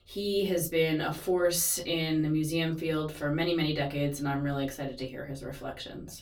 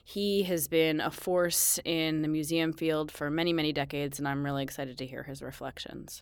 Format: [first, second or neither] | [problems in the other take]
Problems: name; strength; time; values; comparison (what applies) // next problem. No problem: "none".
second | off-mic speech; far // room echo; very slight; dies away in 0.3 s